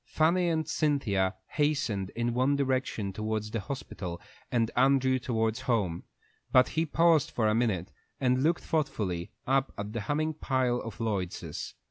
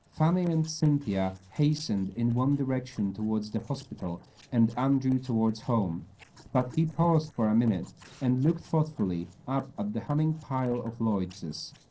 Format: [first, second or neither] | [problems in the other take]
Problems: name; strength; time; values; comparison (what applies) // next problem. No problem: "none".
first | noise reduction (neural separator model SepFormer DNS4)